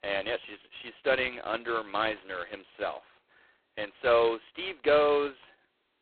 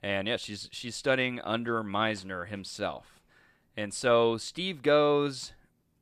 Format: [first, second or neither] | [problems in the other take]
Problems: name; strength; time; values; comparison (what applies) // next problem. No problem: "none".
second | phone-call audio; poor line; nothing above 4 kHz